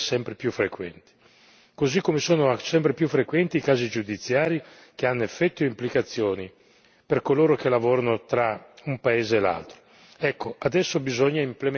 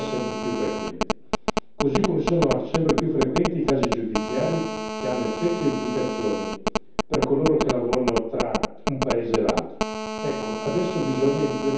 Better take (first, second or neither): first